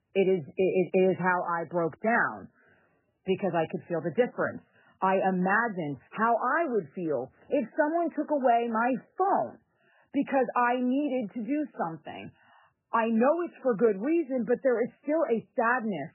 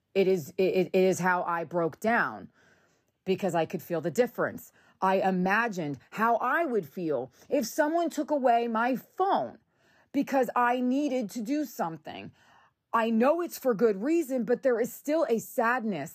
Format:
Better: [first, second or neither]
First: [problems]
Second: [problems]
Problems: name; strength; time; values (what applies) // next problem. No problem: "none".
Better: second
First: garbled, watery; badly; nothing above 3 kHz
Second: none